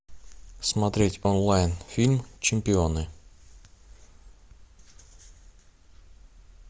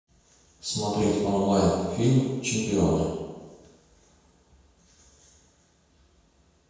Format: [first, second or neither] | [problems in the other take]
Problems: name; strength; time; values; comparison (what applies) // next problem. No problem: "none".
first | room echo; dies away in 1.2 s